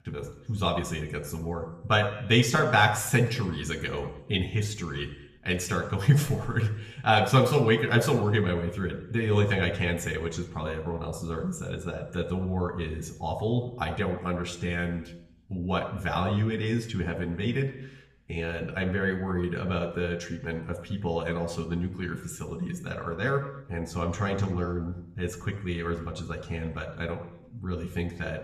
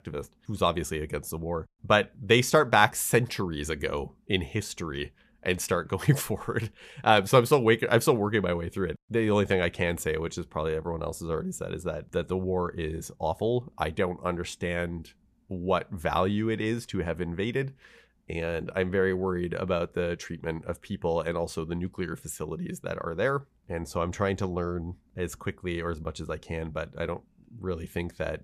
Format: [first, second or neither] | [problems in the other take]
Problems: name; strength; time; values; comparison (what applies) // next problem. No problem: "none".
second | room echo; slight; dies away in 0.7 s // off-mic speech; somewhat distant